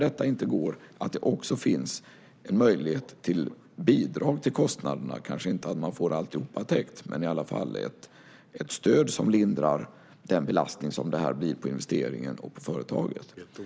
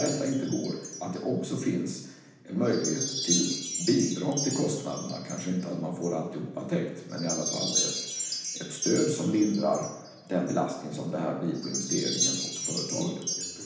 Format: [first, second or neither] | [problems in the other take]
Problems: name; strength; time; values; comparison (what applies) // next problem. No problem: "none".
first | background sound (Wind chime); 5 dB below the speech // room echo; dies away in 0.9 s